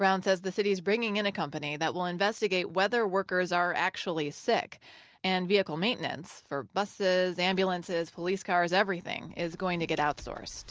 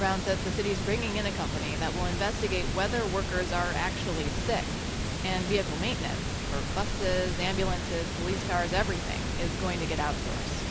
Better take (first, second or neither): first